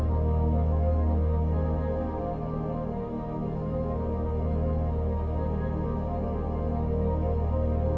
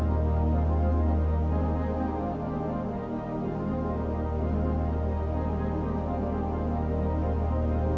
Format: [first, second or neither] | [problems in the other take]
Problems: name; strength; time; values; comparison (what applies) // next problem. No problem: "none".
second | room echo; dies away in 0.2 s